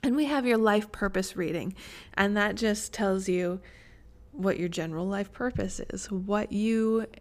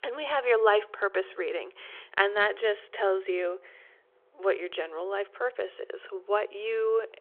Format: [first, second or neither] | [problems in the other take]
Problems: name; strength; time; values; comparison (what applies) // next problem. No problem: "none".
first | phone-call audio